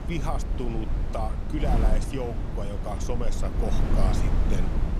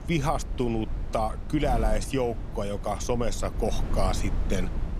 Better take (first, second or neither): second